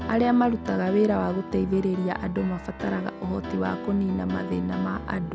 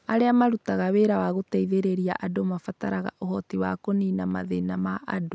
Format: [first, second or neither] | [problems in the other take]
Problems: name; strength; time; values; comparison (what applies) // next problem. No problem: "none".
second | background sound (Piano); 10 dB below the speech